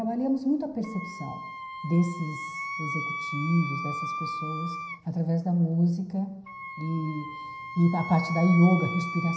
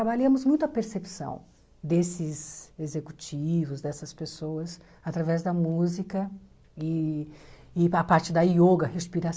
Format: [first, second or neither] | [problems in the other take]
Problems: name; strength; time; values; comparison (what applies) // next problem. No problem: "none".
second | background sound (Wind instrument, woodwind instrument); 9 dB below the speech // room echo; dies away in 0.9 s